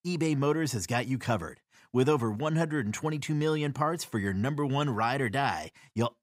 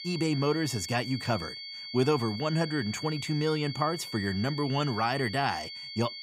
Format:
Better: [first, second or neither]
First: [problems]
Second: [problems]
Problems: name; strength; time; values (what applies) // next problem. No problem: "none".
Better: first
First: none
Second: high-pitched whine; loud; throughout; 4.5 kHz, 9 dB below the speech